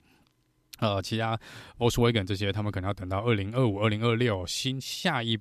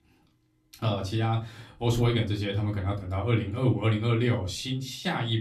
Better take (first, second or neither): first